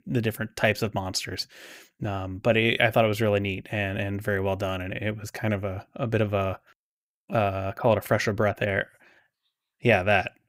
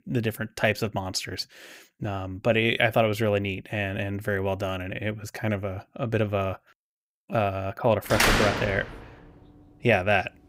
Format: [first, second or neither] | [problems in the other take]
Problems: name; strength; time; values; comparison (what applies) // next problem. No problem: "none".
first | door banging; loud; at 8 s; peak 5 dB above the speech